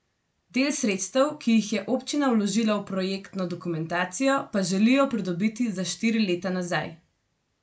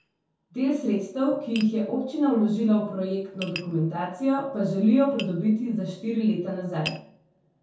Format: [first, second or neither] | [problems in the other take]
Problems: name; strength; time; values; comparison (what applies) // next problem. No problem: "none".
first | background sound (Tap); 20 dB below the speech // room echo; dies away in 0.6 s